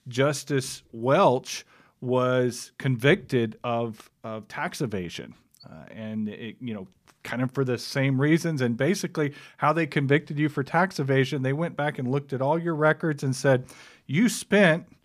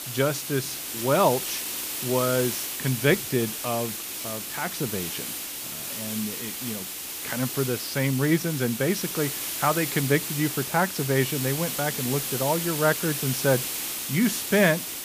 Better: first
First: none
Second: hiss; loud; throughout; 3 dB below the speech

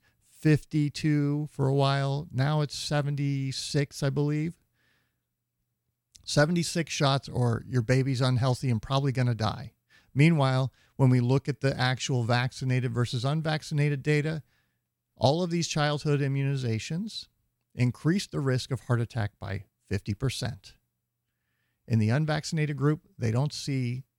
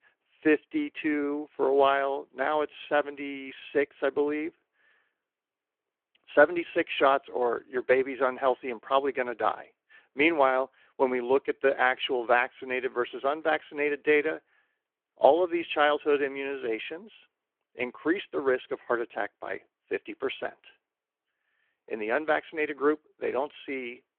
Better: first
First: none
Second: phone-call audio

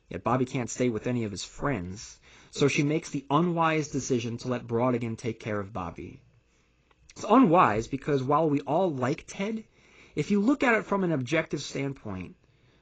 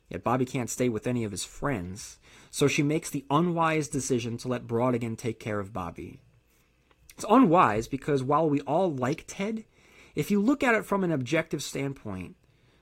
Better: second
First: garbled, watery; badly; nothing above 7.5 kHz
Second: garbled, watery; slightly; nothing above 15.5 kHz

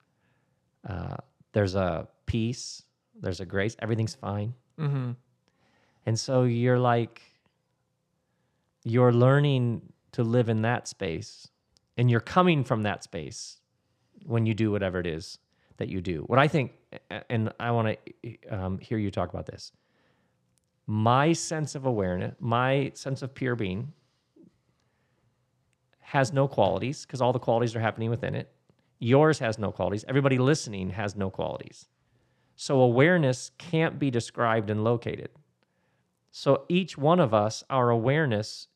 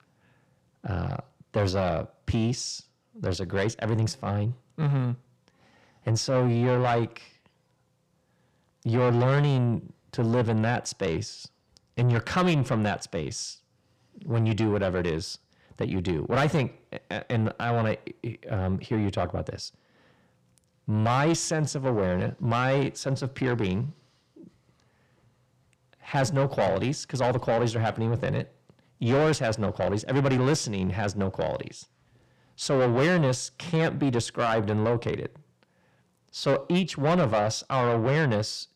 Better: first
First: none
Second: distortion; heavy; 7 dB below the speech

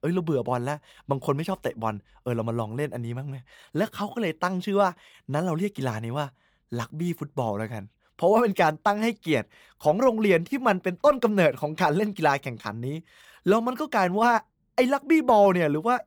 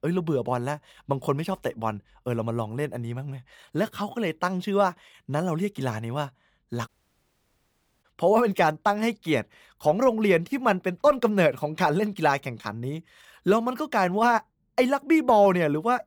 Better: first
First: none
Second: audio cutting out; at 7 s for 1 s

